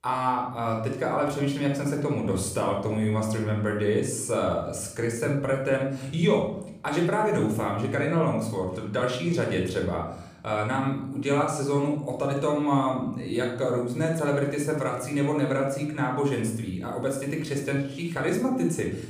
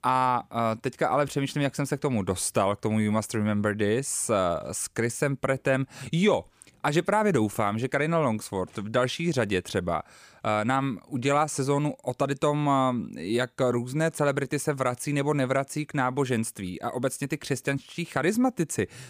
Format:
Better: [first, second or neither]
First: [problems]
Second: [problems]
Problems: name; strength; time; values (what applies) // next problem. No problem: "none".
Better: second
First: room echo; noticeable; dies away in 0.7 s // off-mic speech; somewhat distant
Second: none